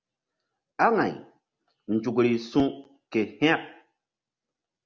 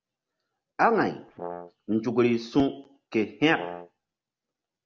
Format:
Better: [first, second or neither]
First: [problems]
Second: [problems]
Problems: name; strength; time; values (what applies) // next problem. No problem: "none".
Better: first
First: none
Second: background sound (Brass instrument); 12 dB below the speech